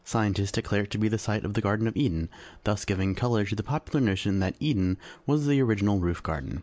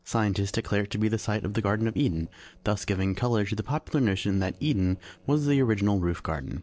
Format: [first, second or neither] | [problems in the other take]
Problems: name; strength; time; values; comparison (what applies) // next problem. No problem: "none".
first | noise reduction (neural separator model SepFormer DNS4)